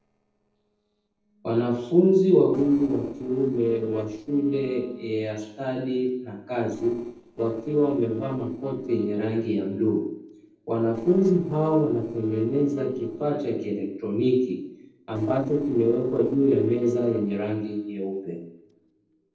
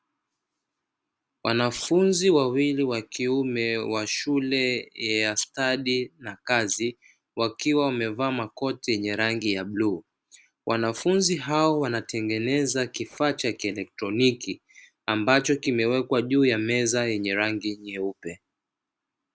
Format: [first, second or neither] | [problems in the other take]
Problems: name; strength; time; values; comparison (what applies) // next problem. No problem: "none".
second | noise reduction (neural separator model SepFormer DNS4)